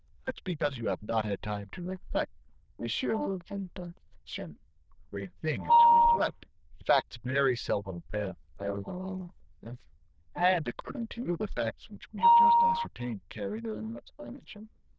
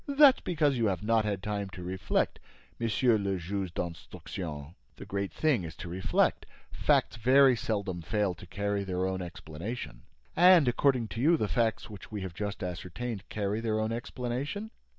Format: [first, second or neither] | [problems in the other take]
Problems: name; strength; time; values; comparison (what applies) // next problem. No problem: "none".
second | noise reduction (neural diffusion model UNIVERSE++)